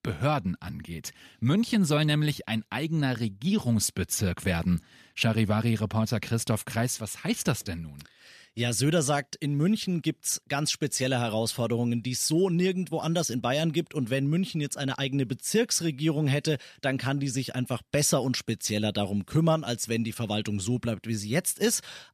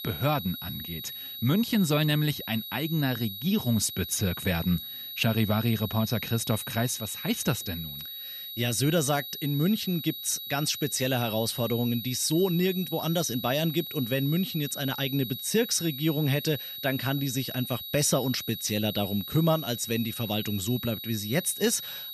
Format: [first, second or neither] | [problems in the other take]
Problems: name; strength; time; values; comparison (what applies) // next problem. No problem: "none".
first | high-pitched whine; loud; throughout; 4 kHz, 8 dB below the speech